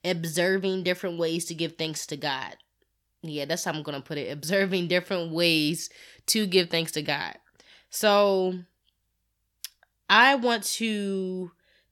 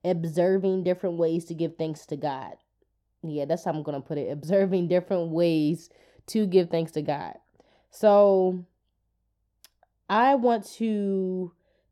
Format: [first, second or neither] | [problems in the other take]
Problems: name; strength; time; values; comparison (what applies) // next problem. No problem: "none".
first | muffled; very; fading above 1 kHz